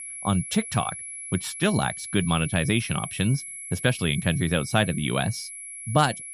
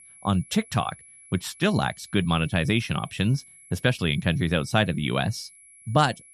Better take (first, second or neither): second